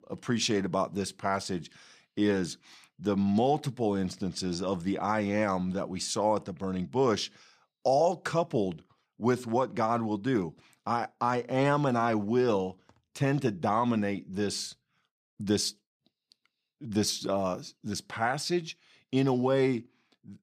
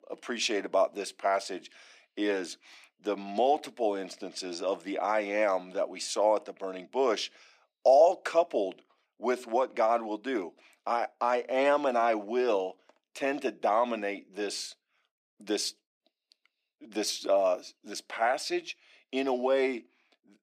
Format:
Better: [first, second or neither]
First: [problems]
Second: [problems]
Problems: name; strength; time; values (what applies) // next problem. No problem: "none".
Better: first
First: none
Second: thin; somewhat; fading below 250 Hz